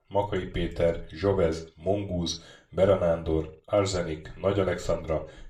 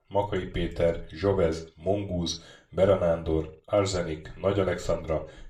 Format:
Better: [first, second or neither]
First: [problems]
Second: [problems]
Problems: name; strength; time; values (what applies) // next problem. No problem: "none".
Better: neither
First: room echo; slight; dies away in 0.3 s // off-mic speech; far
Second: room echo; slight; dies away in 0.3 s // off-mic speech; far